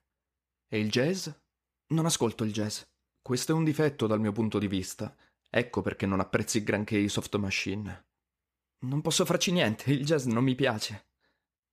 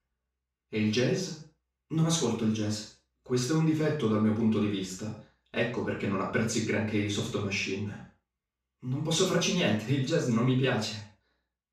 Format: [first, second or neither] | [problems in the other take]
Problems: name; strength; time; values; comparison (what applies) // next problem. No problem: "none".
first | room echo; noticeable; dies away in 0.4 s // off-mic speech; far